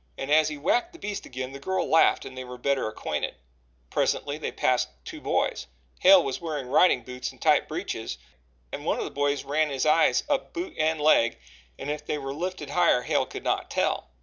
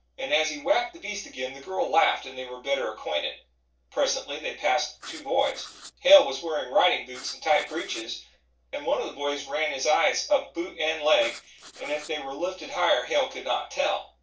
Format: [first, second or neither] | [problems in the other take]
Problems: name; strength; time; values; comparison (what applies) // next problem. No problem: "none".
first | noise reduction (neural separator model SepFormer DNS4)